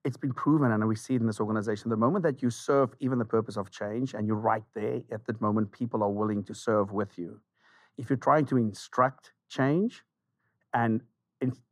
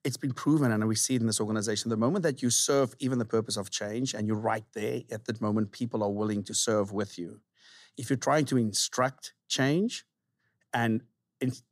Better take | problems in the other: second | muffled; very; fading above 2.5 kHz

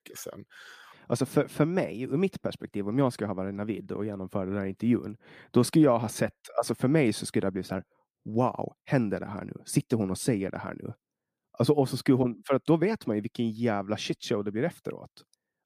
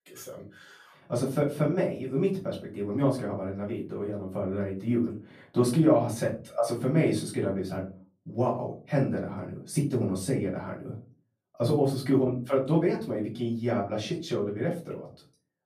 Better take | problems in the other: first | off-mic speech; far // room echo; slight; dies away in 0.3 s

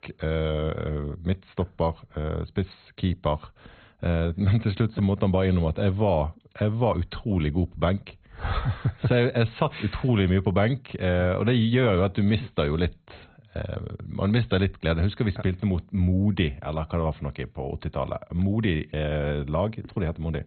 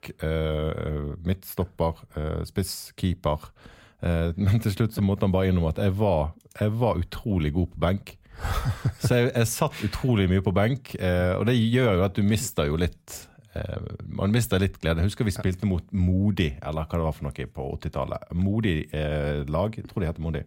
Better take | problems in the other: second | garbled, watery; badly; nothing above 4 kHz

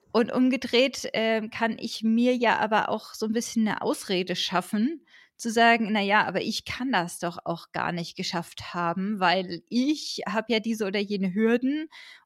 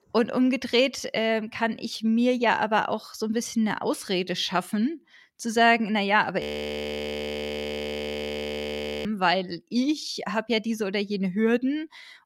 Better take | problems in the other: first | audio freezing; at 6.5 s for 2.5 s

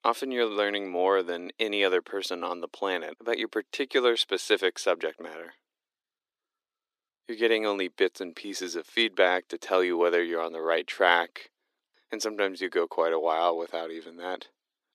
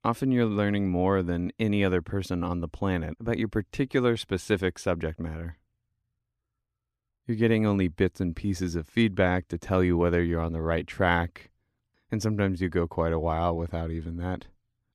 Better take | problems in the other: second | thin; very; fading below 350 Hz

